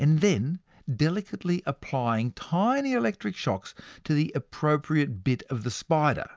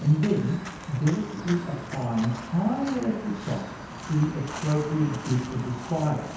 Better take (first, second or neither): first